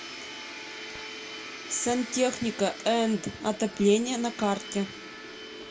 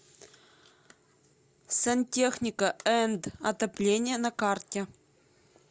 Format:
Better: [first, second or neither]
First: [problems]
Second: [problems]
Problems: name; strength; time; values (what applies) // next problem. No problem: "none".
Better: second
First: background sound (Domestic sounds, home sounds); 12 dB below the speech // room echo; dies away in 1 s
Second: none